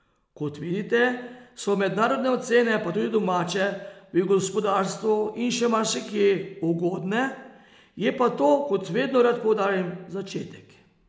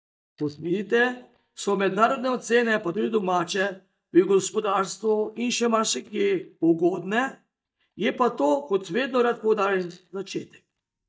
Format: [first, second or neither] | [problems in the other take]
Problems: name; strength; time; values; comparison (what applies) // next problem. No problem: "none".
first | noise reduction (neural mask model DeepFilterNet 3)